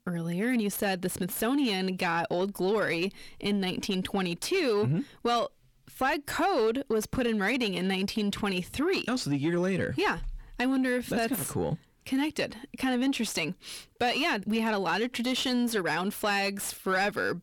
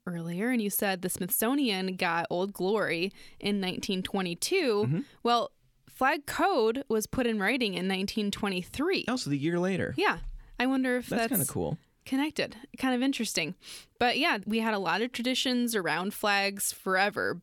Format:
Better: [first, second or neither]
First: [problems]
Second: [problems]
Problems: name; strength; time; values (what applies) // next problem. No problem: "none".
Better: second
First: distortion; slight; 10 dB below the speech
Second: none